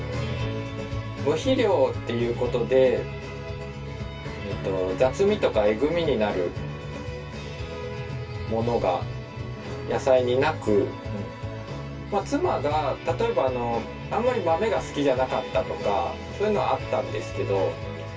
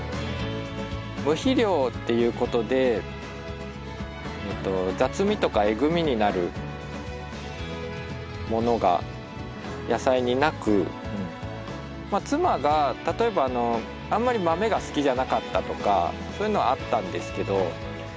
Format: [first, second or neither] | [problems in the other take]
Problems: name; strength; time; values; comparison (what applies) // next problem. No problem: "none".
second | room echo; dies away in 0.2 s